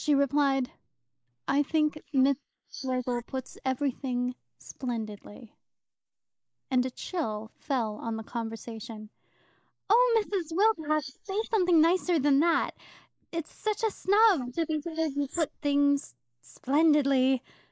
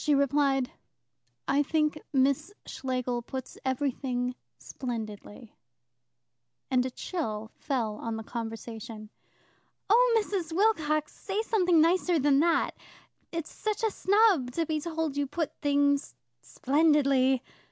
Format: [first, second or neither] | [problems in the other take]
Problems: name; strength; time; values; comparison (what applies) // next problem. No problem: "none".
second | noise reduction (neural mask model Resemble Enhance denoiser)